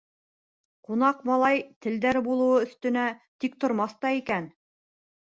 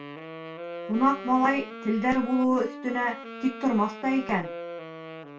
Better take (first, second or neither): first